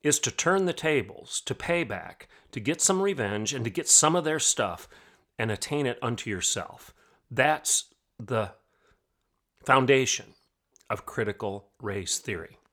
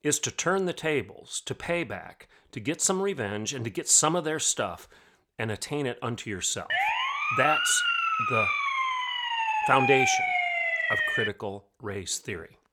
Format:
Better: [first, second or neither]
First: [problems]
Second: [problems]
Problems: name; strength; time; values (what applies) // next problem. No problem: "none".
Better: first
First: none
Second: siren; loud; from 6.5 to 11 s; peak 5 dB above the speech